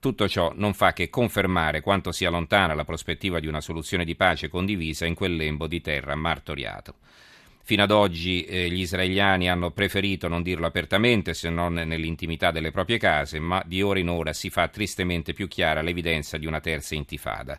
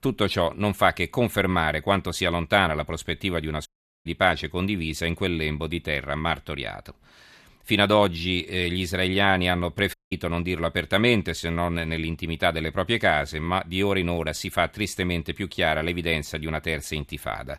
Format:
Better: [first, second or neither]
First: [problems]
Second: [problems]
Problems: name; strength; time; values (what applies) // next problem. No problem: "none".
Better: first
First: none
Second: audio cutting out; at 3.5 s and at 10 s